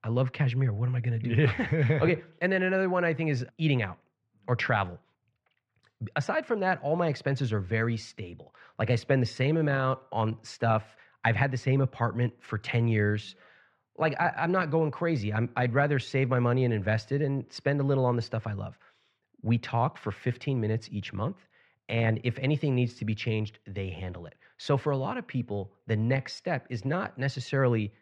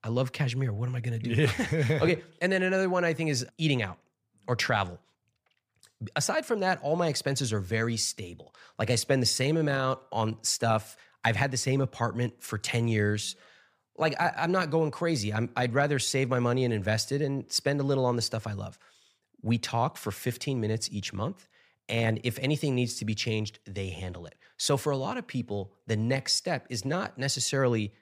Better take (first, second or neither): second